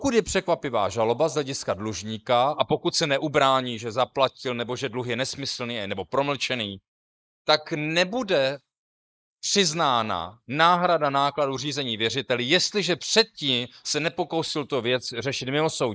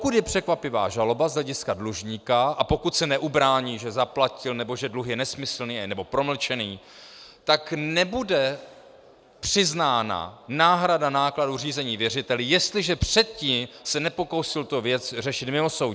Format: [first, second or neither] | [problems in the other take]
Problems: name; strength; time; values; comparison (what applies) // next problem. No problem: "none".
second | noise reduction (neural mask model Resemble Enhance denoiser)